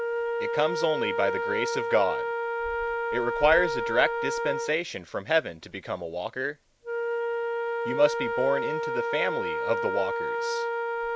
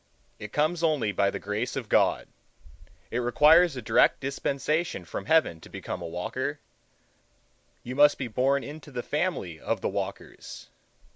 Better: second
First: background sound (Wind instrument, woodwind instrument); 1 dB below the speech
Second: none

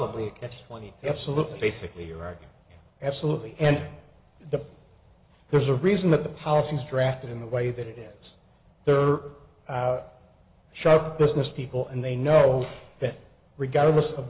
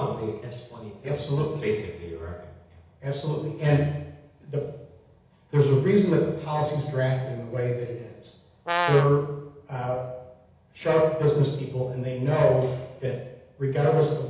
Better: first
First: none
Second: background sound (Brass instrument); 3 dB below the speech // room echo; dies away in 0.8 s

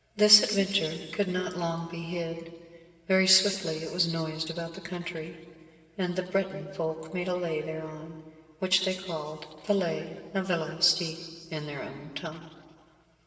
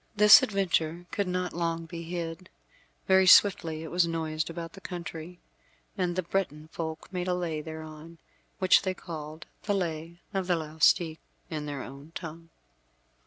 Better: second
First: room echo; dies away in 1.9 s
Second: none

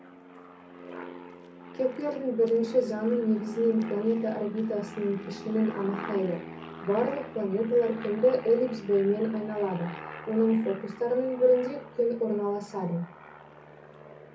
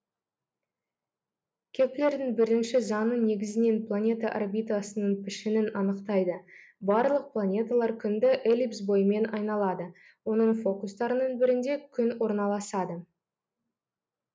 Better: second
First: background sound (Aircraft); 15 dB below the speech // room echo; dies away in 0.3 s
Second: none

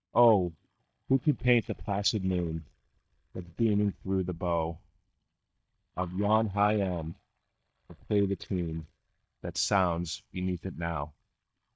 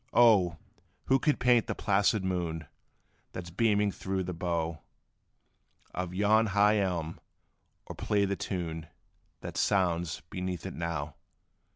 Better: second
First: noise reduction (neural mask model DeepFilterNet 3)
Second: none

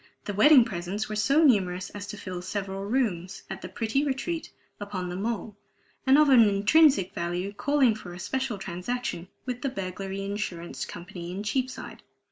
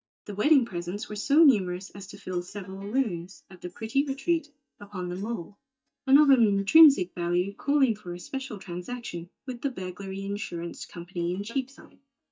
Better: first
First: none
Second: noise reduction (neural mask model DeepFilterNet 3)

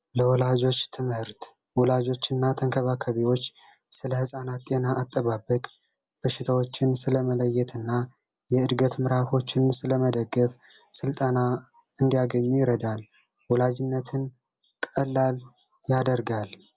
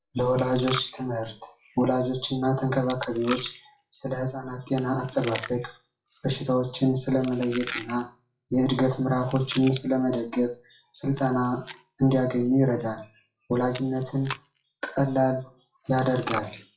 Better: first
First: none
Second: noise reduction (classical method WPE with log-MMSE)

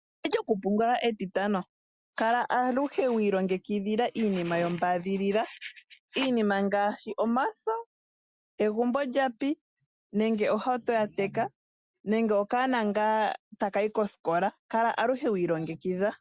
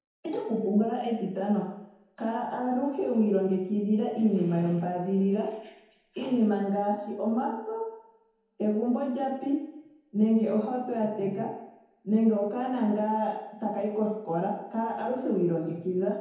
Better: first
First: none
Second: room echo; dies away in 0.9 s

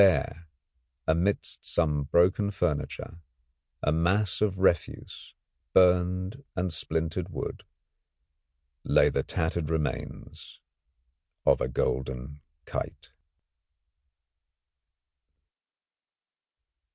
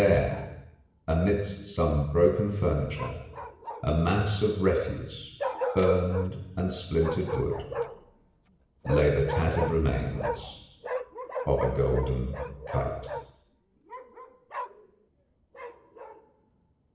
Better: first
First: none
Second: background sound (Bark); 9 dB below the speech // room echo; dies away in 1 s

